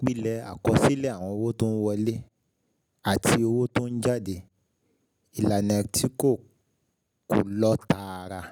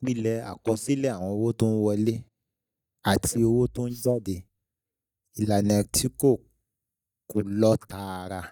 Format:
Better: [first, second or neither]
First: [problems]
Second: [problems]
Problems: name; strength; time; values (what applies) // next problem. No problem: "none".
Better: first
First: none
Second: noise reduction (neural mask model DeepFilterNet 3)